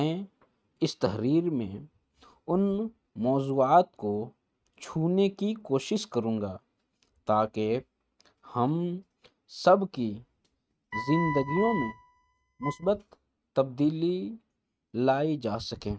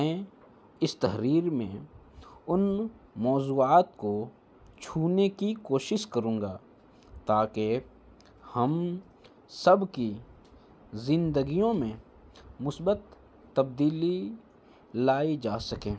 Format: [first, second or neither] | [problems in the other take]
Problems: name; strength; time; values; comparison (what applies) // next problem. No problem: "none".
second | noise reduction (neural mask model RNNoise)